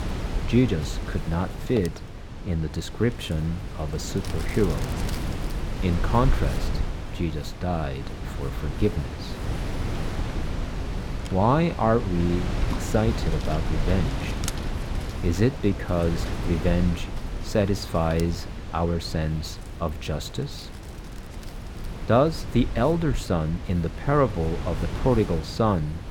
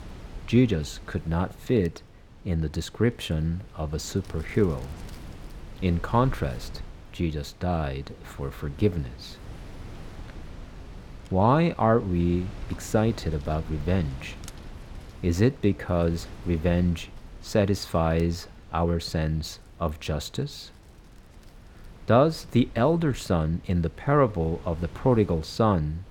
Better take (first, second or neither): second